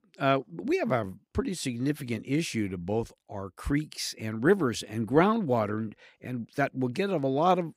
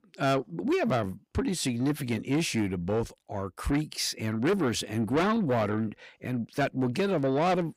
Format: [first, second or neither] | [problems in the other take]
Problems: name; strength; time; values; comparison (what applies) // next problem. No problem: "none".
first | distortion; heavy; 7 dB below the speech